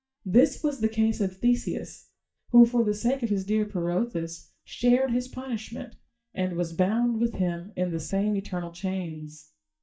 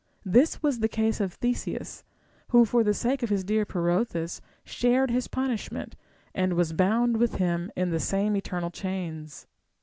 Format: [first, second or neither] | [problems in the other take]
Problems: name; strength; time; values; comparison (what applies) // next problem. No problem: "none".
second | noise reduction (neural mask model DeepFilterNet 3)